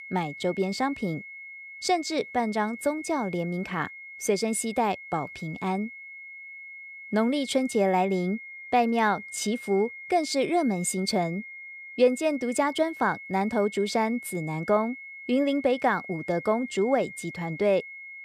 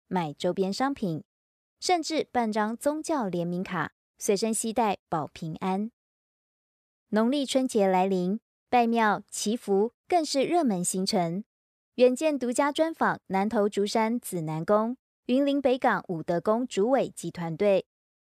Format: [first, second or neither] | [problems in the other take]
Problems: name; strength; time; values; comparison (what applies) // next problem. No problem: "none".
second | high-pitched whine; noticeable; throughout; 2 kHz, 15 dB below the speech